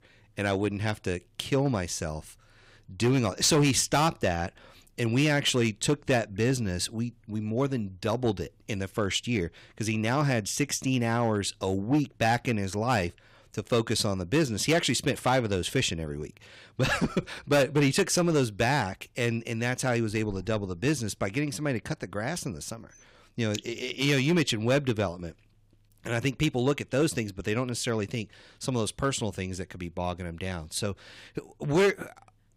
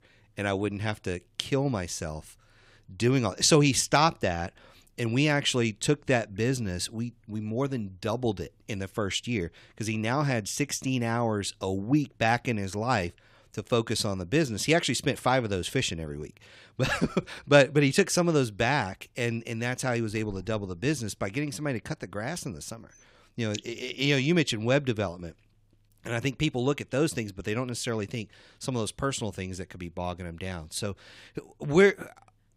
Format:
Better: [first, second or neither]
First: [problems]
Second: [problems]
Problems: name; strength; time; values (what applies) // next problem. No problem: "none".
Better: second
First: distortion; slight; 3% of the sound clipped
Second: none